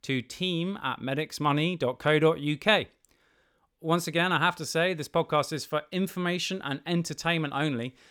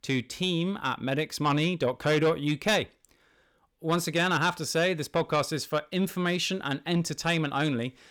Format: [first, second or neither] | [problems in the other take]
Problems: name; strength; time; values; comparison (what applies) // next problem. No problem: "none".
first | distortion; slight; 10 dB below the speech